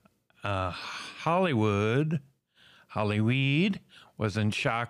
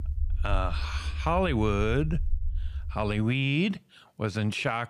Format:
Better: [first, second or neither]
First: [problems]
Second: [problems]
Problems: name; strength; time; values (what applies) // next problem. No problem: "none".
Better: first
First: none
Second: low rumble; faint; until 3 s; 25 dB below the speech